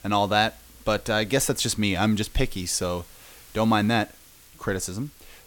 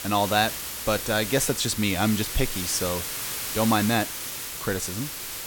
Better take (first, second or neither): first